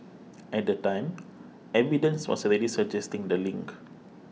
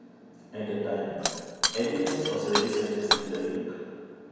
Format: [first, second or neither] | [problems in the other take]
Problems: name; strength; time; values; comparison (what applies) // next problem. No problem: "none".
first | background sound (Shatter); 1 dB below the speech // room echo; dies away in 1.9 s